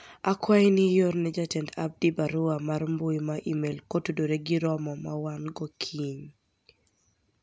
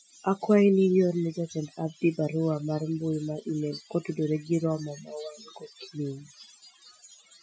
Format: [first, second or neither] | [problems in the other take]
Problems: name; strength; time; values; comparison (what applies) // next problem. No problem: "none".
first | noise reduction (classical method Wiener filter)